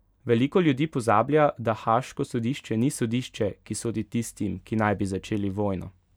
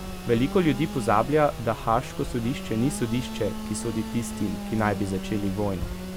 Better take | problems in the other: first | background sound (Mechanisms + Sawing / Engine); 7 dB below the speech

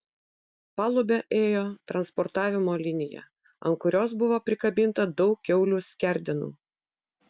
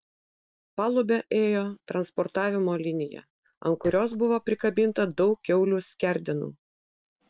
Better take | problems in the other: first | noise reduction (neural separator model SepFormer DNS4)

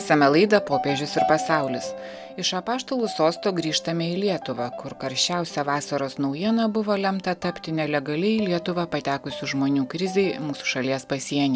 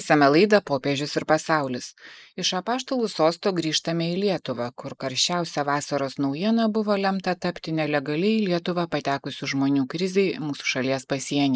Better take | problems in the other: first | noise reduction (neural mask model Resemble Enhance denoiser)

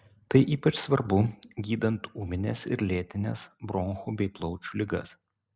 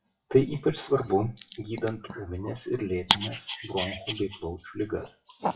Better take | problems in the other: first | noise reduction (classical method WPE with log-MMSE)

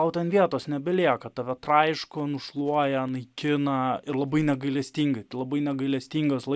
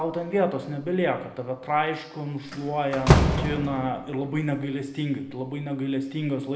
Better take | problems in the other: first | background sound (Slam); 2 dB below the speech // room echo; dies away in 0.9 s

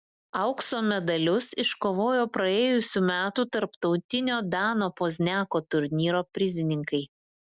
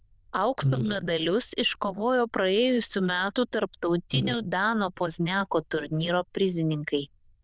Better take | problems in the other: first | noise reduction (neural diffusion model UNIVERSE++)

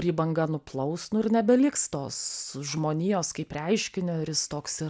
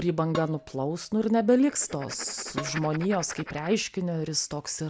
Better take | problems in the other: first | background sound (Dishes, pots, and pans + Writing); 13 dB below the speech

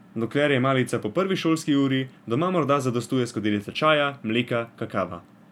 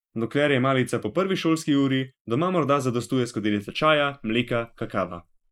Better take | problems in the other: first | noise reduction (neural mask model Resemble Enhance denoiser)

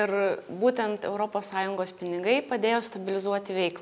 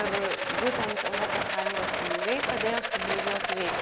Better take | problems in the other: first | background sound (Rattle); 3 dB above the speech

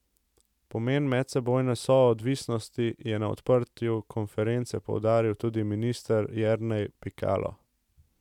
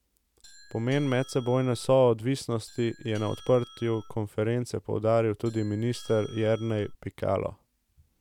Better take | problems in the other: first | background sound (Doorbell); 19 dB below the speech

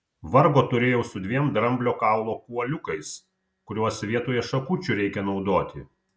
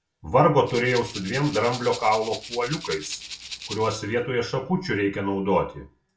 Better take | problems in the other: first | background sound (Rattle (instrument)); 13 dB below the speech // room echo; dies away in 0.2 s

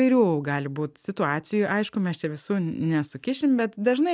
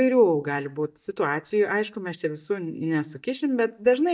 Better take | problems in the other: first | noise reduction (neural mask model DeepFilterNet 3)

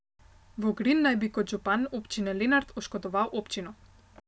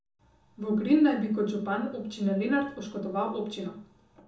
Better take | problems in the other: first | room echo; dies away in 0.8 s

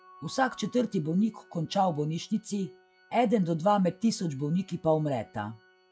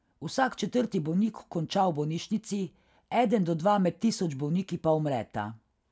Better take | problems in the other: second | noise reduction (classical method log-MMSE)

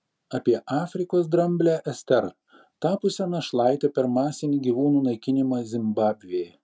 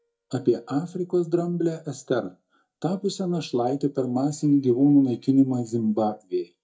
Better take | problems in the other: first | noise reduction (neural mask model DeepFilterNet 3)

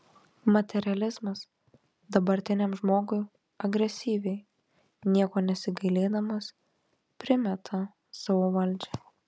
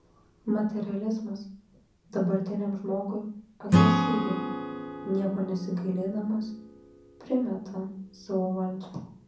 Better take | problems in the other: first | background sound (Acoustic guitar / Strum); 1 dB below the speech // room echo; dies away in 0.6 s

